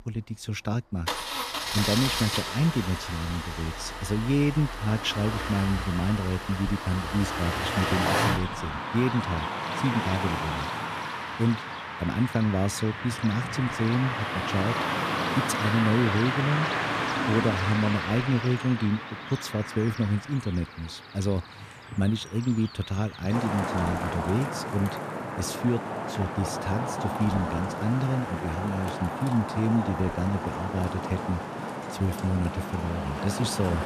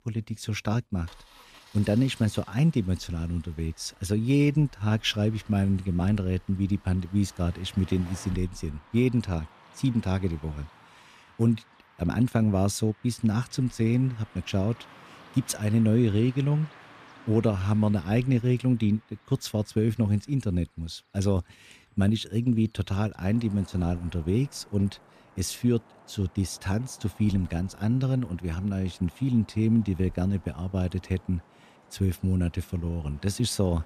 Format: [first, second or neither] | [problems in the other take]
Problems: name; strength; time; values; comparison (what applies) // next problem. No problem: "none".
second | traffic noise; loud; throughout; 2 dB below the speech; faint in the second